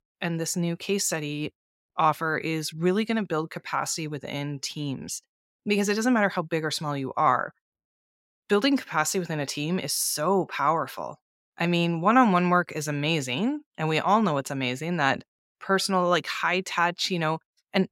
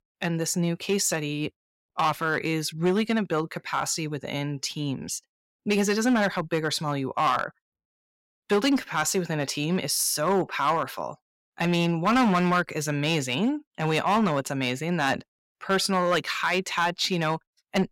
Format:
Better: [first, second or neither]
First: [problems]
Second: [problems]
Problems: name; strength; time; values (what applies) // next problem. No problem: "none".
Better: first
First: none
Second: distortion; slight; 4% of the sound clipped